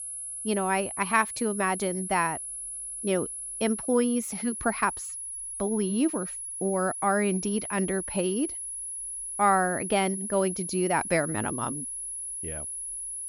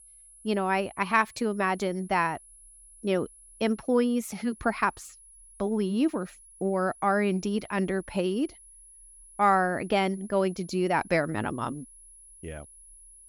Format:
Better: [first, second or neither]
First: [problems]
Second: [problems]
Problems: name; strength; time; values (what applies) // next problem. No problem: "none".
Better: second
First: high-pitched whine; loud; throughout; 10.5 kHz, 5 dB below the speech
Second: high-pitched whine; faint; throughout; 10.5 kHz, 20 dB below the speech